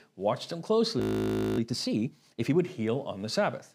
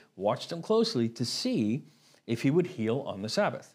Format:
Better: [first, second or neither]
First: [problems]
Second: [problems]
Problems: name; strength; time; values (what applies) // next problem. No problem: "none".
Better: second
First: audio freezing; at 1 s for 0.5 s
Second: none